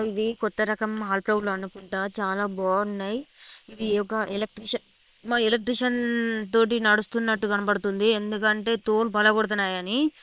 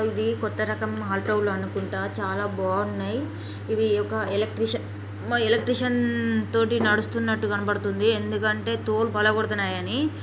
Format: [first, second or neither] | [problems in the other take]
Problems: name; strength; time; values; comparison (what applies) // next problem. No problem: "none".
second | noise reduction (neural separator model SepFormer WHAM!)